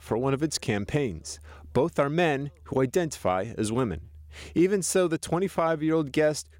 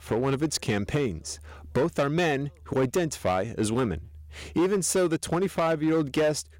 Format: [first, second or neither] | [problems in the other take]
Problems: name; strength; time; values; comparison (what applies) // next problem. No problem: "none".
first | distortion; slight; 9% of the sound clipped